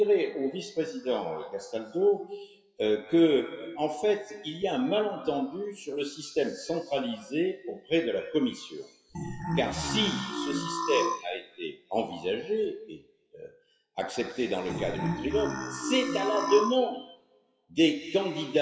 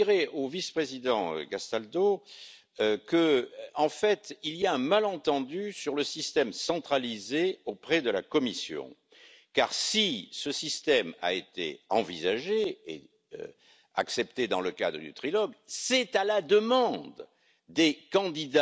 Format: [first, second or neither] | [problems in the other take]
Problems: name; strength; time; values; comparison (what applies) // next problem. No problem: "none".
second | noise reduction (classical method WPE with log-MMSE)